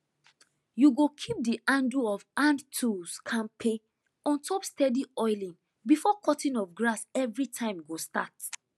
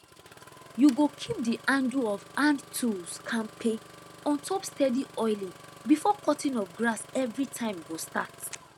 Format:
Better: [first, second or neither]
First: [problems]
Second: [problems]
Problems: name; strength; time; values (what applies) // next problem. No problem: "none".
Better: first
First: none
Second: background sound (Engine starting); 19 dB below the speech